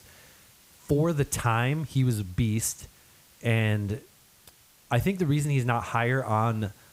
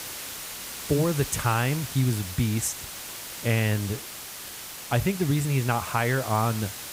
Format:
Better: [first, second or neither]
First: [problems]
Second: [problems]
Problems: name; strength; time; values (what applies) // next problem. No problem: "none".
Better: first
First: hiss; faint; throughout; 30 dB below the speech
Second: hiss; loud; throughout; 9 dB below the speech